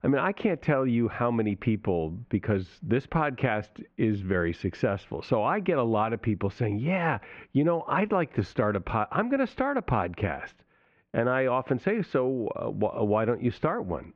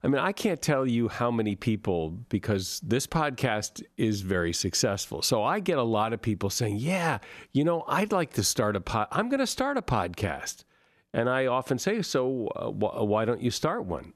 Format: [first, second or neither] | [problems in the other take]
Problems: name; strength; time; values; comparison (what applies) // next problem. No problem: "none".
second | muffled; very; fading above 2.5 kHz